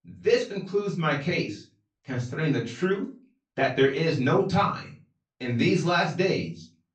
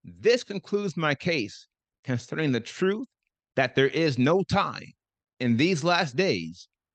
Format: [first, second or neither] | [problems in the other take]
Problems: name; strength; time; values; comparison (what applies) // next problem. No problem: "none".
second | off-mic speech; far // room echo; slight; dies away in 0.3 s